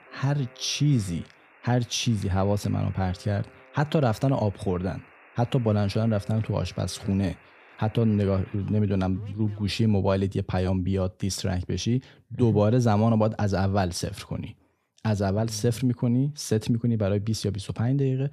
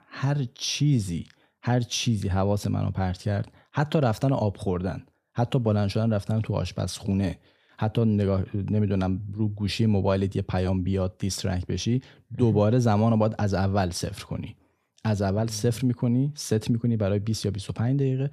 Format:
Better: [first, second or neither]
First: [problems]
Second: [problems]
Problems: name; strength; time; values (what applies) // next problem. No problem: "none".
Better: second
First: alarms or sirens; faint; until 10 s; 25 dB below the speech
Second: none